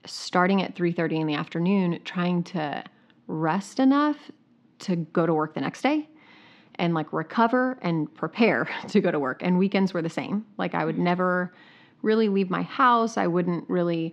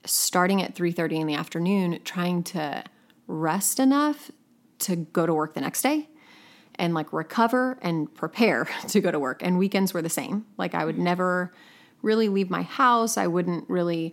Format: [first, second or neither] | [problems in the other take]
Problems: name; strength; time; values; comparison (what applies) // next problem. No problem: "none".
second | muffled; slightly; fading above 4 kHz